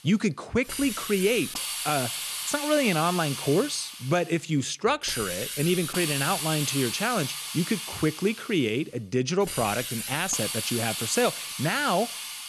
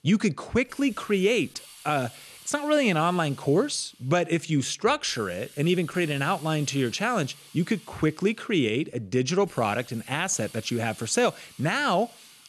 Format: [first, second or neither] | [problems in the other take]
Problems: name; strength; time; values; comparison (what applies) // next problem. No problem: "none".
second | hiss; loud; throughout; 4 dB below the speech; faint in the second